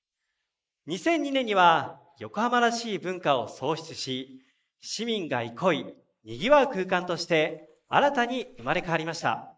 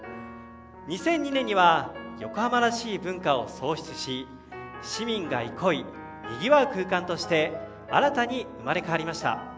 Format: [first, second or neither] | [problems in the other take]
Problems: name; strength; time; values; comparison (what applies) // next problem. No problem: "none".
second | noise reduction (neural mask model Resemble Enhance denoiser)